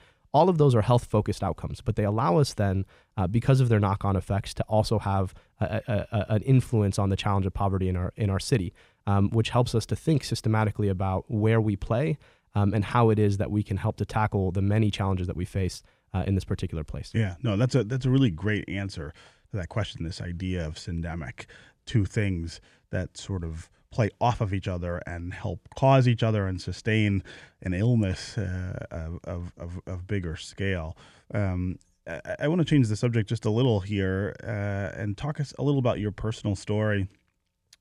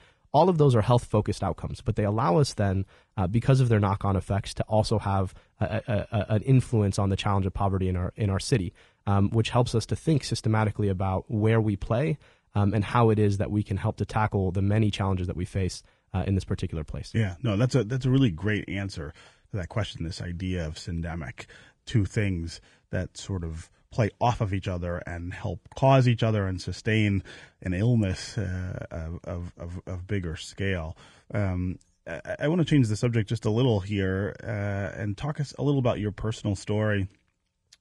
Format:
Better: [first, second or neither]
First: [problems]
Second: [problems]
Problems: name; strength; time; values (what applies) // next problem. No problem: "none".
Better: first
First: none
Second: garbled, watery; slightly; nothing above 10.5 kHz